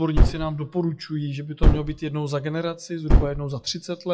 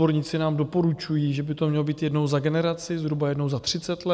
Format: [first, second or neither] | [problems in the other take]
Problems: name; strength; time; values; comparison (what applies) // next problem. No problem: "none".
second | noise reduction (classical method WPE with log-MMSE)